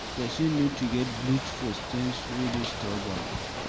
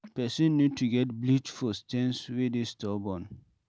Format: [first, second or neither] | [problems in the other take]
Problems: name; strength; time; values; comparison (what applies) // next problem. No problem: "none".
second | background sound (Ocean / Boat, Water vehicle); 4 dB below the speech